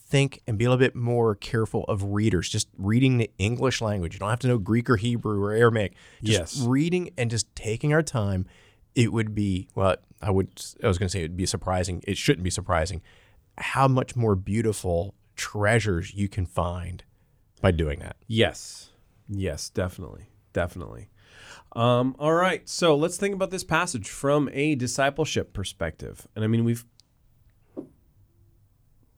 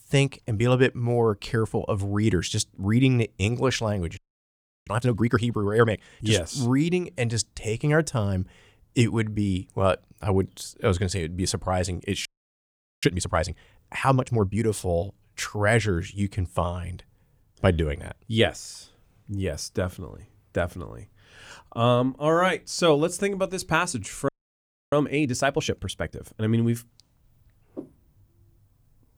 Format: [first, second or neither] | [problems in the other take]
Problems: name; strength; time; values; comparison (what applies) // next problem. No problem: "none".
first | audio freezing; at 4 s for 0.5 s, at 12 s for 1 s and at 24 s for 0.5 s